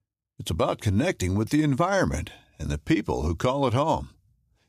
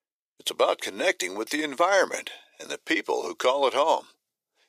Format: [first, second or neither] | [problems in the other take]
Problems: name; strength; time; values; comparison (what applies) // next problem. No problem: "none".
first | thin; very; fading below 450 Hz